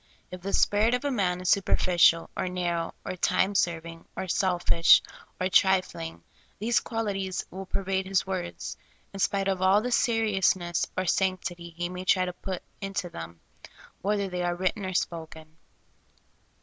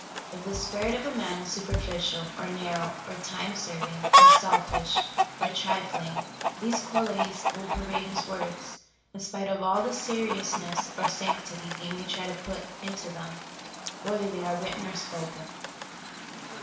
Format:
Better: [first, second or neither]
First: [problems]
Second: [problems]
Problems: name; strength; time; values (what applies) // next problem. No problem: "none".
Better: first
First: none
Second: background sound (Chicken, rooster); 4 dB above the speech // room echo; dies away in 0.6 s